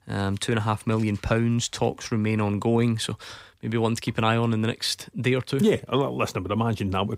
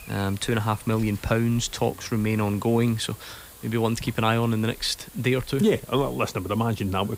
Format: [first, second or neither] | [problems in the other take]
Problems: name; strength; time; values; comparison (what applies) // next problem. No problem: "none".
first | hiss; noticeable; throughout; 20 dB below the speech